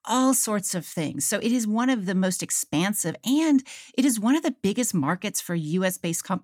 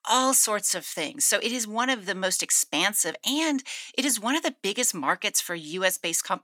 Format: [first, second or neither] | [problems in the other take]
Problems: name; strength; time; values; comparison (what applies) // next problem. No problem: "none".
first | thin; somewhat; fading below 450 Hz